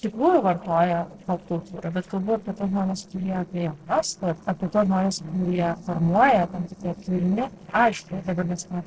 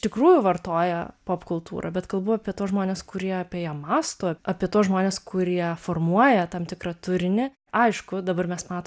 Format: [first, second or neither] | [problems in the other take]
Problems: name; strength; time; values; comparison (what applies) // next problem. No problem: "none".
second | noise reduction (neural separator model SepFormer DNS4)